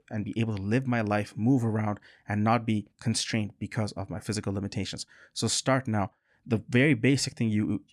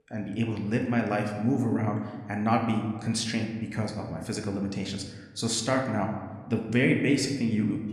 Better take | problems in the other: first | room echo; slight; dies away in 1 s

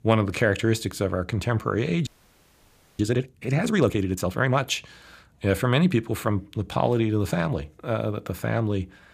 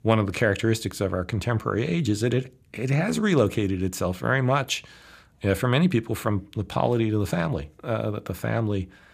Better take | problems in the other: second | audio freezing; at 2 s for 1 s

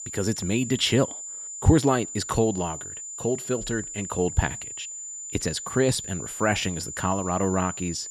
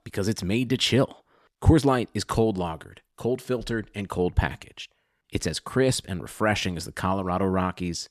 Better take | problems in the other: second | high-pitched whine; loud; throughout; 7 kHz, 8 dB below the speech

